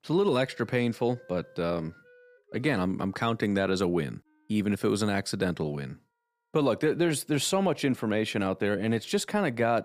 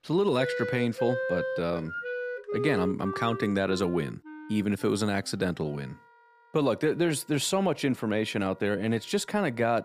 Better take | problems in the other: first | background music; loud; throughout; 6 dB below the speech; faint in the first

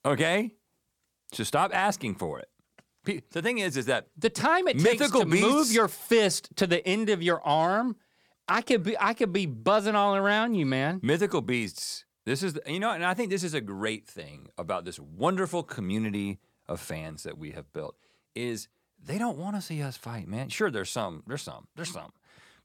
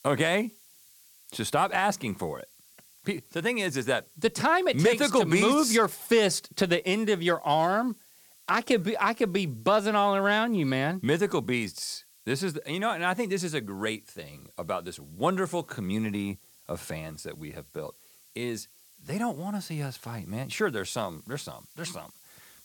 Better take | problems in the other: first | hiss; faint; throughout; 25 dB below the speech

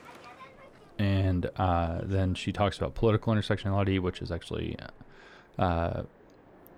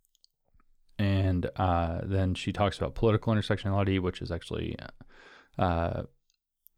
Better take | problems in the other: second | train or aircraft noise; faint; throughout; 25 dB below the speech

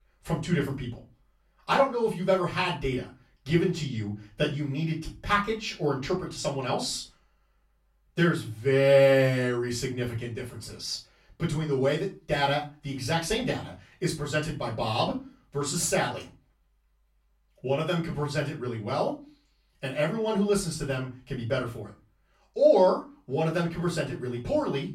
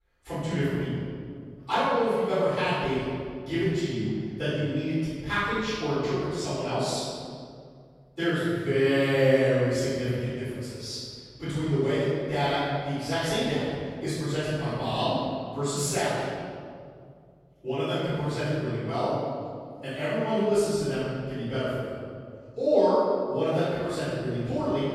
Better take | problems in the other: first | room echo; strong; dies away in 2 s; slight in the first // off-mic speech; far; far in the first

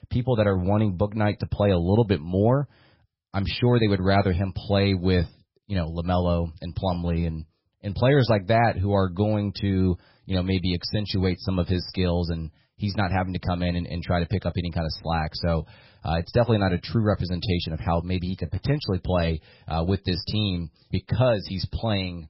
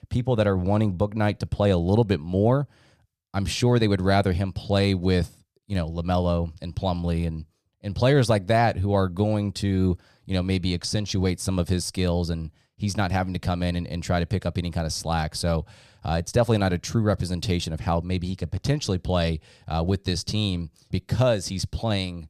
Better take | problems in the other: second | garbled, watery; badly; nothing above 5.5 kHz

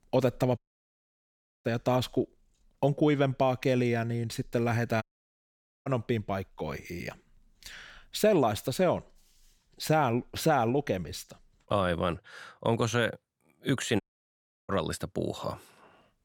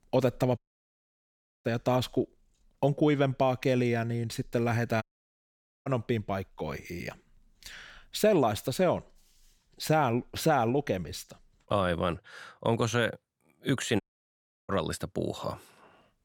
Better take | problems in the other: neither | audio cutting out; at 0.5 s for 1 s, at 5 s for 1 s and at 14 s for 0.5 s; the same in both

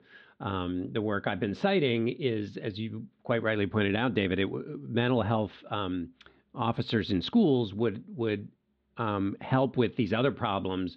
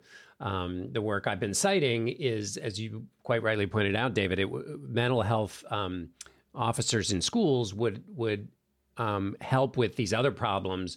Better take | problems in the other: second | muffled; slightly; fading above 3.5 kHz

